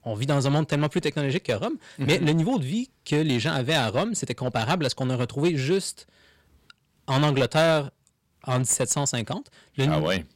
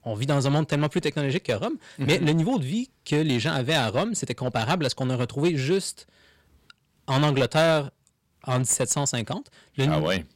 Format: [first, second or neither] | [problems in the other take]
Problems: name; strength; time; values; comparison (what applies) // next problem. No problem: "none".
neither | distortion; slight; 4% of the sound clipped; the same in both